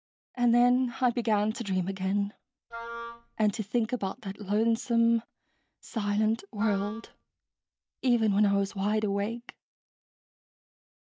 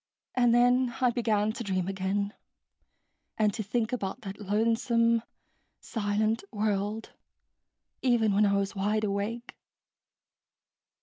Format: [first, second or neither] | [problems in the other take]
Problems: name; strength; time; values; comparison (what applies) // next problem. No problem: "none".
second | noise reduction (neural mask model DeepFilterNet 3)